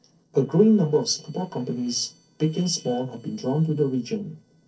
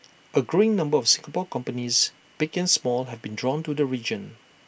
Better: second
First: noise reduction (neural separator model SepFormer DNS4)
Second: none

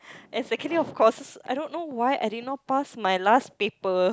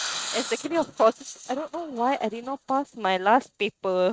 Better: first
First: none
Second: noise reduction (neural mask model RNNoise)

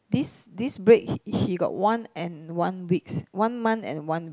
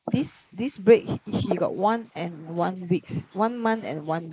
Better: first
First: none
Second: noise reduction (neural mask model Resemble Enhance denoiser)

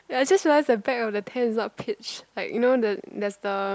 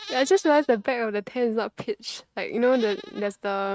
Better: first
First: none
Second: noise reduction (neural mask model RNNoise)

